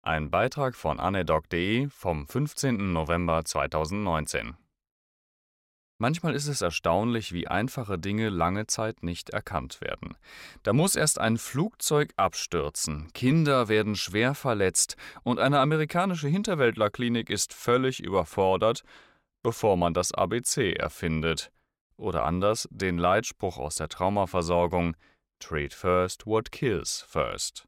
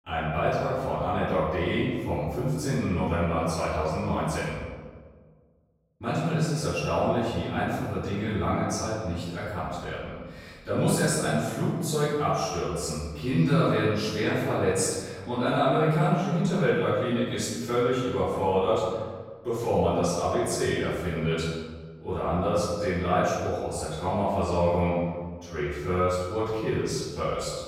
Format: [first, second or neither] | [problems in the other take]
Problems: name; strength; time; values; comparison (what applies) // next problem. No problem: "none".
first | off-mic speech; far // room echo; strong; dies away in 1.4 s